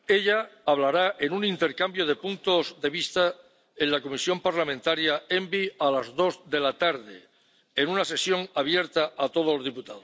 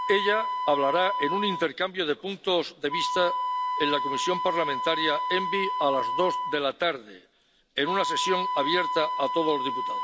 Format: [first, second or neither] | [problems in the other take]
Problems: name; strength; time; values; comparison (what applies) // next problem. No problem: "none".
first | background sound (Wind instrument, woodwind instrument); 2 dB below the speech